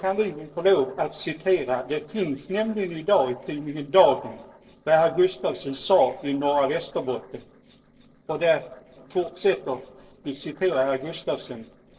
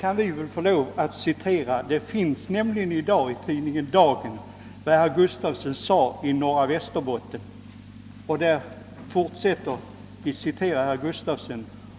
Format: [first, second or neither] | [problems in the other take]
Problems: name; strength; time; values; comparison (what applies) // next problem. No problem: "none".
second | noise reduction (neural separator model SepFormer DNS4)